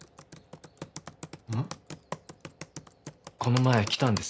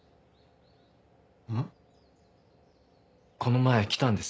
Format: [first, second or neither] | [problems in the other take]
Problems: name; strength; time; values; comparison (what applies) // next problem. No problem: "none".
second | background sound (Computer keyboard); 12 dB below the speech